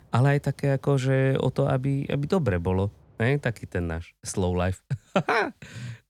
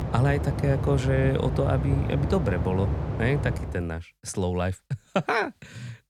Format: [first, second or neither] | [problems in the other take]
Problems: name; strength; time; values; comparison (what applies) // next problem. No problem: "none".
first | train or aircraft noise; loud; until 3.5 s; 3 dB below the speech; faint in the first